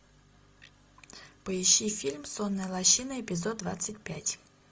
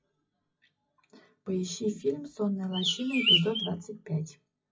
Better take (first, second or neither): first